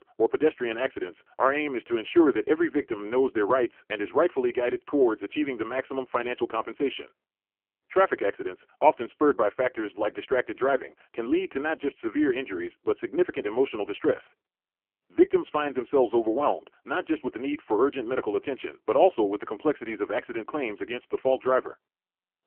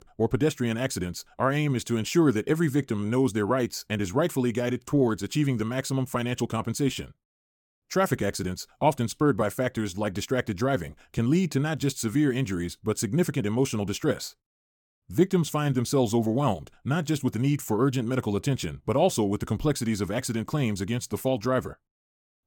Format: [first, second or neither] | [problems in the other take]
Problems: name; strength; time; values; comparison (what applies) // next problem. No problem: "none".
second | phone-call audio; poor line; nothing above 3 kHz